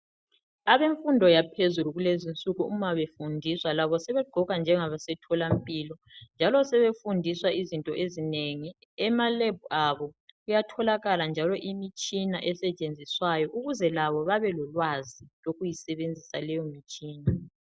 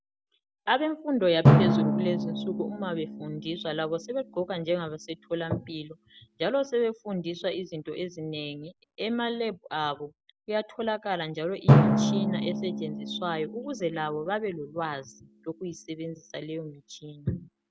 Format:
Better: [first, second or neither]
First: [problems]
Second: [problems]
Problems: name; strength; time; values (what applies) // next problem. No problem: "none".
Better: first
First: none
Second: background sound (Drum); 2 dB above the speech